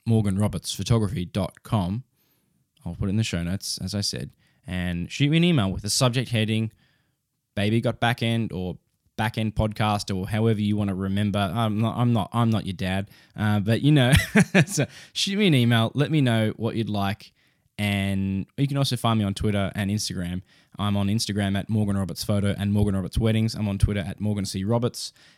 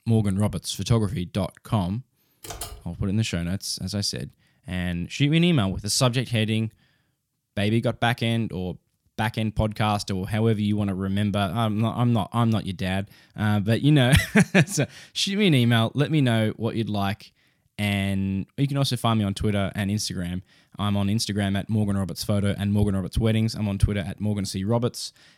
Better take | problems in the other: first | keyboard typing; faint; at 2.5 s; peak 10 dB below the speech

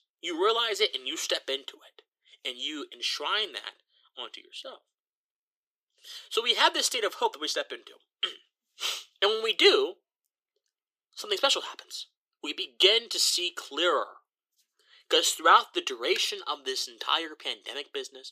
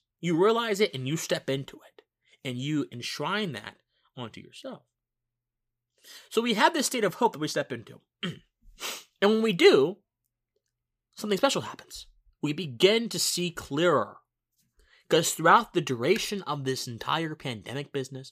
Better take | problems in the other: second | thin; very; fading below 350 Hz

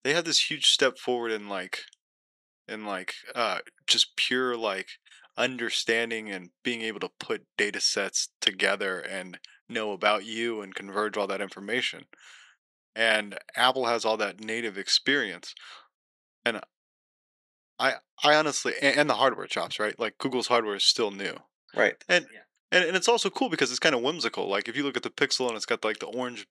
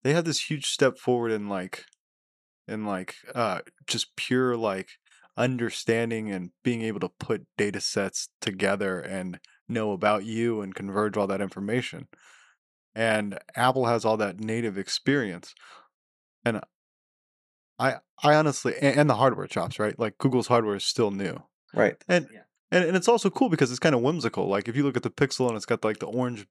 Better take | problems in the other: second | thin; somewhat; fading below 300 Hz

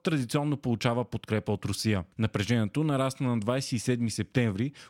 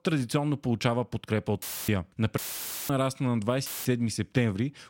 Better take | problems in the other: first | audio cutting out; filled with static; at 1.5 s, at 2.5 s for 0.5 s and at 3.5 s

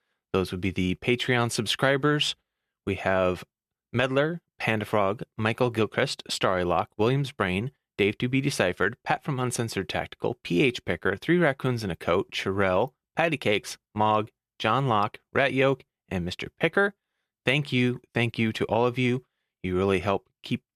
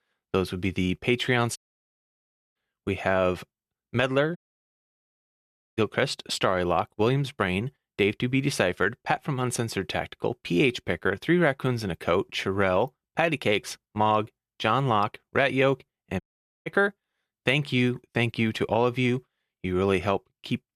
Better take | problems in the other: first | audio cutting out; at 1.5 s for 1 s, at 4.5 s for 1.5 s and at 16 s

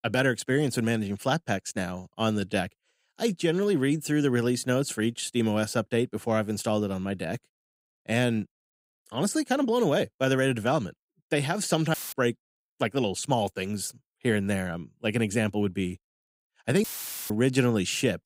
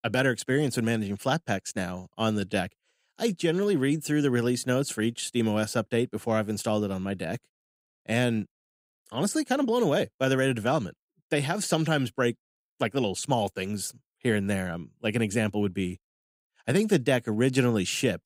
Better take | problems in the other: second | audio cutting out; filled with static; at 12 s and at 17 s

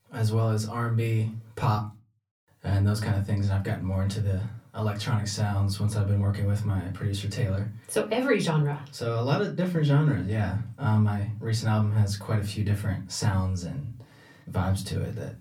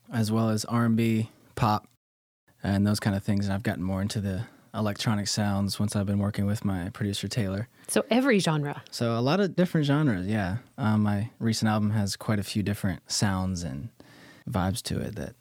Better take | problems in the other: second | off-mic speech; somewhat distant // room echo; very slight; dies away in 0.2 s

